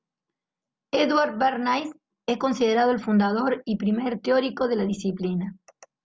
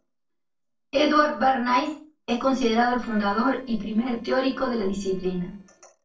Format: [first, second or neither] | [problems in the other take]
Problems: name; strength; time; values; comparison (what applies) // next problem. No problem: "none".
first | noise reduction (neural separator model SepFormer DNS4)